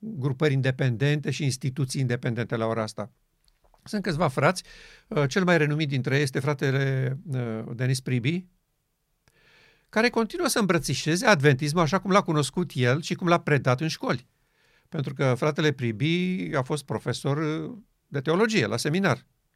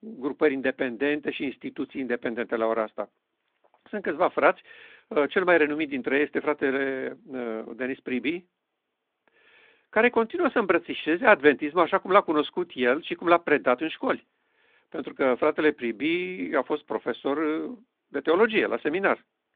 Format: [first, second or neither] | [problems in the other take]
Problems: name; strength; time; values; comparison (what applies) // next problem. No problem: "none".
first | phone-call audio; nothing above 3.5 kHz